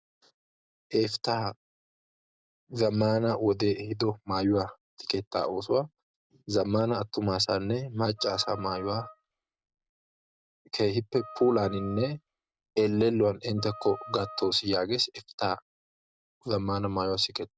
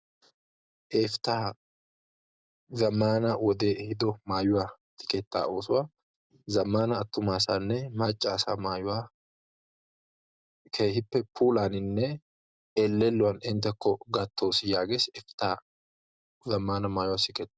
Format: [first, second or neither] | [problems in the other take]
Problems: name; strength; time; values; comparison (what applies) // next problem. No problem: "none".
second | background sound (Wind instrument, woodwind instrument); 17 dB below the speech